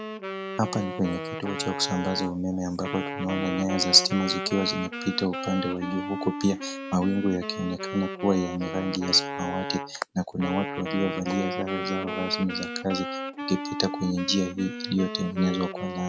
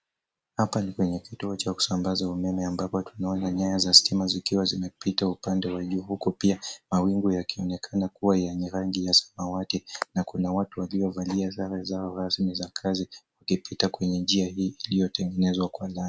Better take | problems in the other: second | background sound (Wind instrument, woodwind instrument); 6 dB below the speech

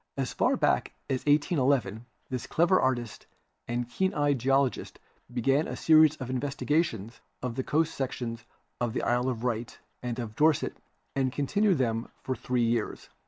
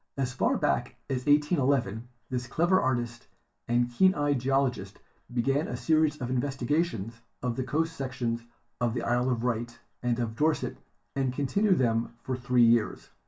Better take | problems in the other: first | room echo; dies away in 0.2 s

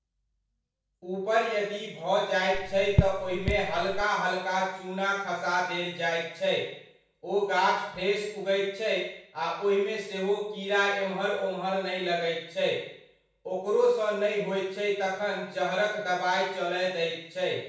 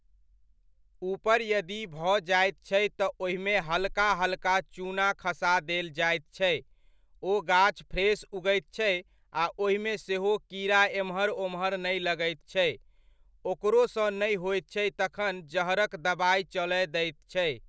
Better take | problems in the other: second | background sound (Raindrop / Drip); 1 dB below the speech // room echo; dies away in 0.6 s

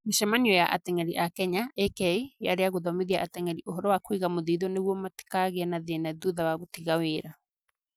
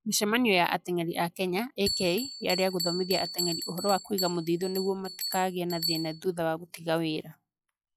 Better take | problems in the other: first | noise reduction (classical method log-MMSE)

